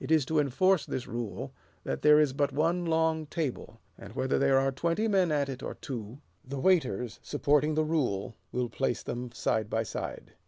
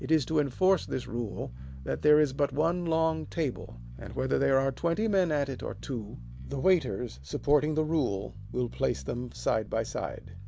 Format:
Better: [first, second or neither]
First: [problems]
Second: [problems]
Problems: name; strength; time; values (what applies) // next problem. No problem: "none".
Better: first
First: none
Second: background sound (Bass guitar); 14 dB below the speech